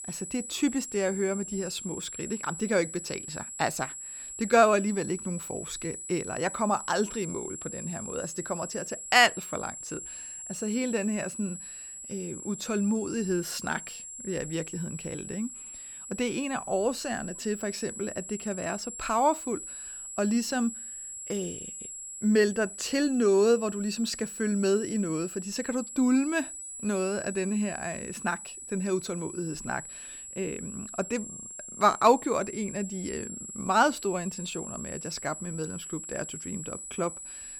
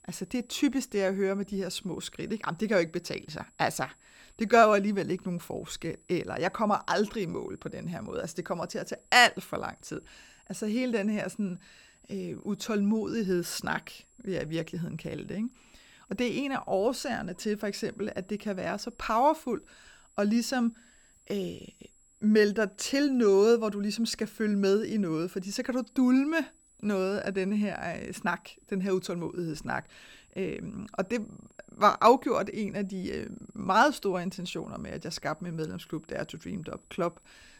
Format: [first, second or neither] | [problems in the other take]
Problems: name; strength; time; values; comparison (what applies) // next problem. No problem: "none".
second | high-pitched whine; loud; throughout; 8 kHz, 9 dB below the speech; faint in the second